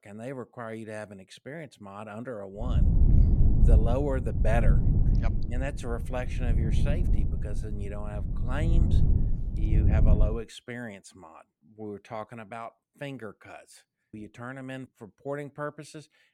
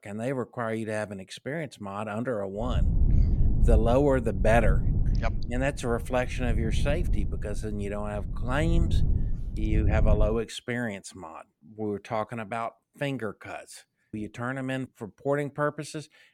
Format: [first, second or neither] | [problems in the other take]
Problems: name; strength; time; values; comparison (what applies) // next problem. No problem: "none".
second | wind noise on the microphone; heavy; from 2.5 to 10 s; 3 dB below the speech; occasional gusts in the second